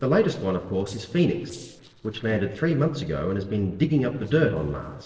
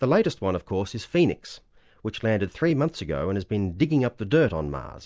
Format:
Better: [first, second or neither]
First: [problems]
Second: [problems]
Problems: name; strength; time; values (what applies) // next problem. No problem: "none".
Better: second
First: noise reduction (neural separator model SepFormer DNS4)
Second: none